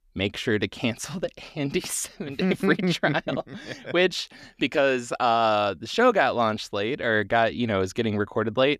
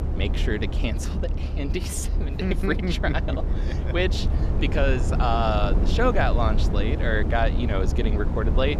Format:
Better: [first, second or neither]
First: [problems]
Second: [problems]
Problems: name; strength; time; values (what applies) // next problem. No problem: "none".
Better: first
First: none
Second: low rumble; loud; throughout; 9 dB below the speech